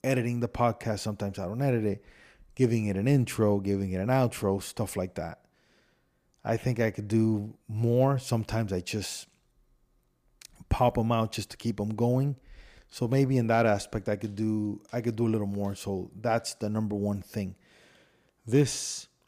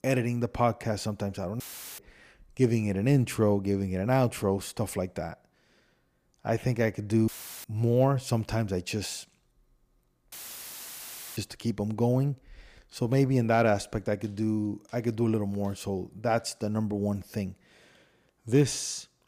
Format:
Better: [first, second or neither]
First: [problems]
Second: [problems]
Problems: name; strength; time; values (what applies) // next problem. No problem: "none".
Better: first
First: none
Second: audio cutting out; filled with static; at 1.5 s, at 7.5 s and at 10 s for 1 s